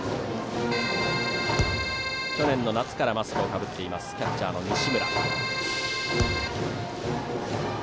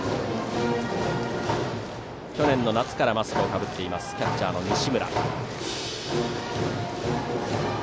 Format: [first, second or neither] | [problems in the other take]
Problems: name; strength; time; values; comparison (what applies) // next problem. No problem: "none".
second | background sound (Keyboard (musical) + Thump, thud); 2 dB below the speech